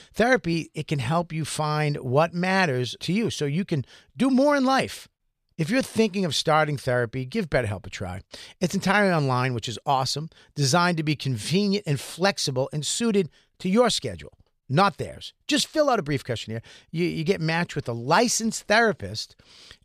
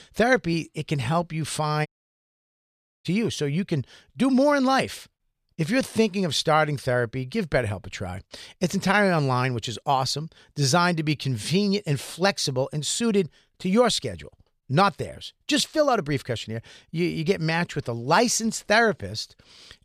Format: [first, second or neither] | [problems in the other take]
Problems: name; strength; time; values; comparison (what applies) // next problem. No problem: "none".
first | audio cutting out; at 2 s for 1 s